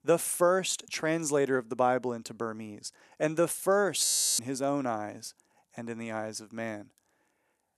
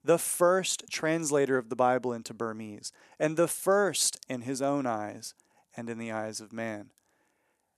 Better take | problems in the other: second | audio freezing; at 4 s

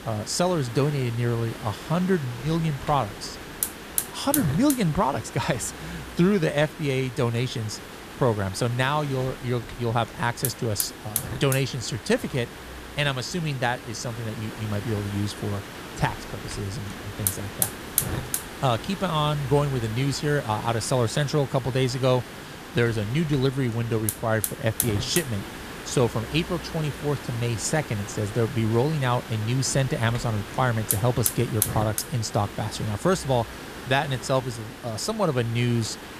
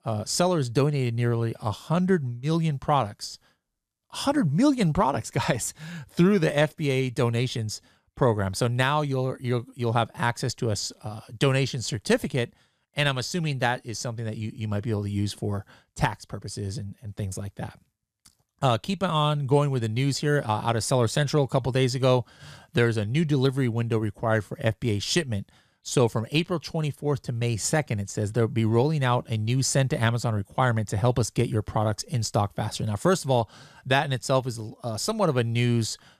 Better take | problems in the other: second | hiss; loud; throughout; 7 dB below the speech

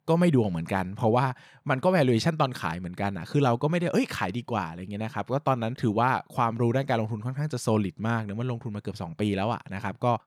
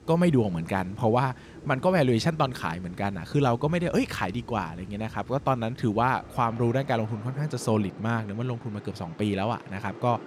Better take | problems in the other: first | rain or running water; noticeable; throughout; 20 dB below the speech

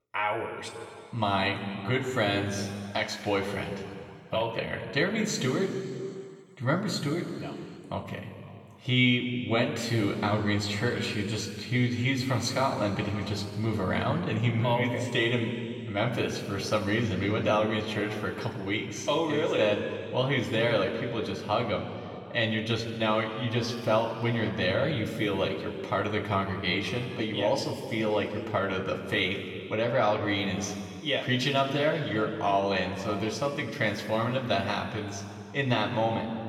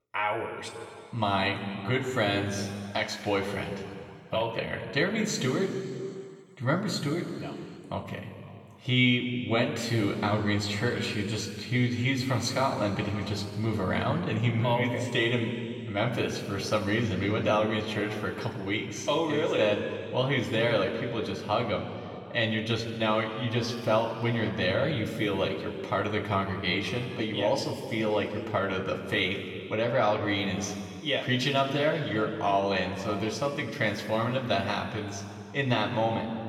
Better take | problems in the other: neither | room echo; noticeable; dies away in 2.1 s; the same in both // off-mic speech; somewhat distant; the same in both

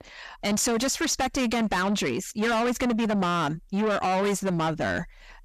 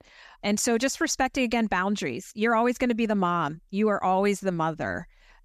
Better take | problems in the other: second | distortion; heavy; 6 dB below the speech

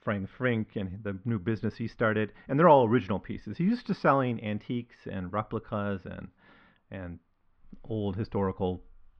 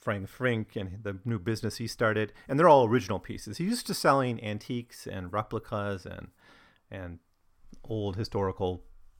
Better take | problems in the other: second | muffled; slightly; fading above 3.5 kHz

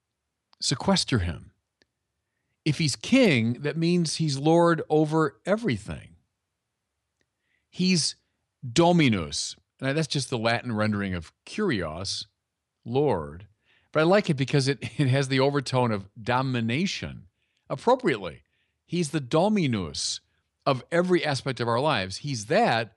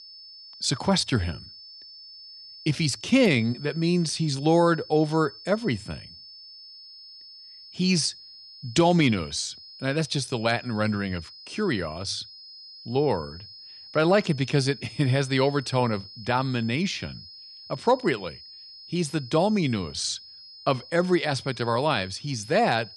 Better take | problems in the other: first | high-pitched whine; noticeable; throughout; 5 kHz, 15 dB below the speech

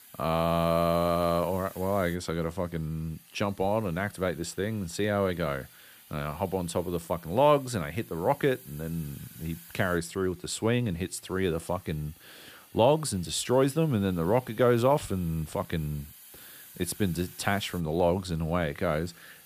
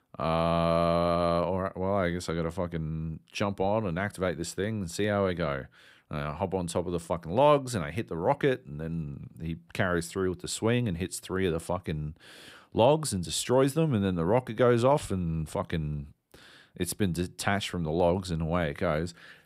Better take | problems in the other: second | hiss; faint; throughout; 20 dB below the speech

